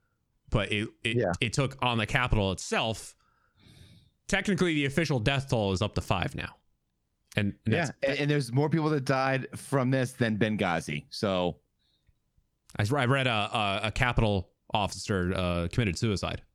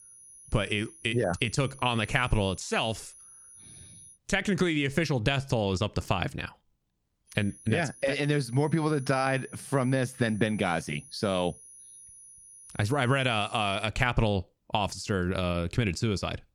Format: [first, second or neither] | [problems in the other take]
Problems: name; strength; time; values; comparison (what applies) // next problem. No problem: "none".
first | high-pitched whine; faint; until 4 s and from 7.5 to 14 s; 10.5 kHz, 20 dB below the speech